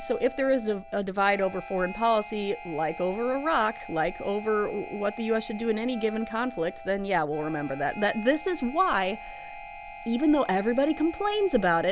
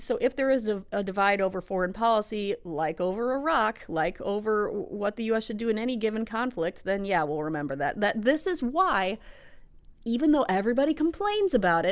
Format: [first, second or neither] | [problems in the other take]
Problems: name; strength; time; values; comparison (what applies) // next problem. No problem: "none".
second | background sound (Harmonica); 15 dB below the speech